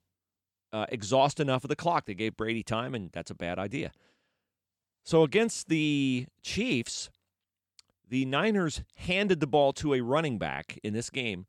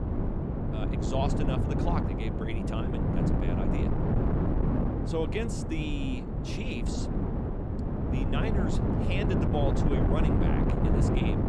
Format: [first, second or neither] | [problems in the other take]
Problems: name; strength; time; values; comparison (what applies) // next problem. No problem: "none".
first | wind noise on the microphone; heavy; 2 dB above the speech